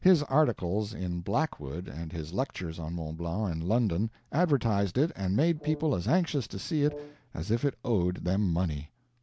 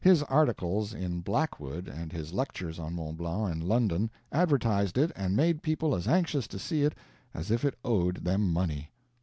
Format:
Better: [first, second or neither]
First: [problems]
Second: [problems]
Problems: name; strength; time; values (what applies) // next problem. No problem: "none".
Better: second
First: background sound (Brass instrument); 18 dB below the speech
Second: none